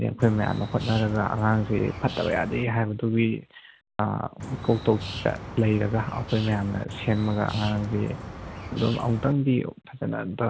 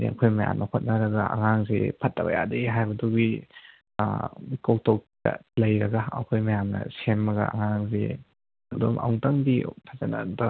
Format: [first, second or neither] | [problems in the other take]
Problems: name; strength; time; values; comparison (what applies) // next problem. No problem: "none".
second | background sound (Bird); 11 dB below the speech